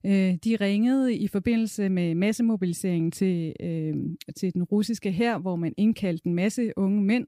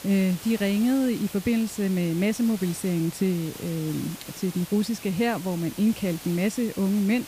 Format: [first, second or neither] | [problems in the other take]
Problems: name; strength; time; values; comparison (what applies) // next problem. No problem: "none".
first | hiss; noticeable; throughout; 15 dB below the speech